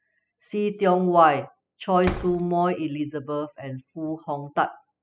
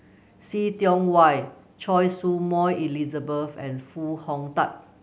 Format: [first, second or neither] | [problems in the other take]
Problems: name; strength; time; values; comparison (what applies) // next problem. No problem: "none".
second | noise reduction (classical method spectral subtraction)